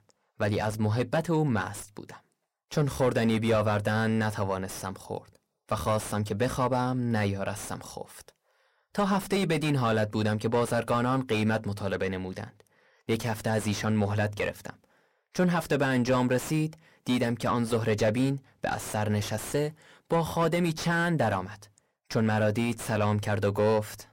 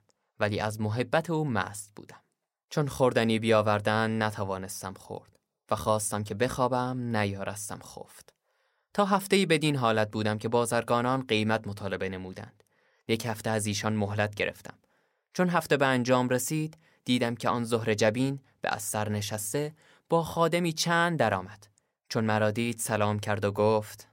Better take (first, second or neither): second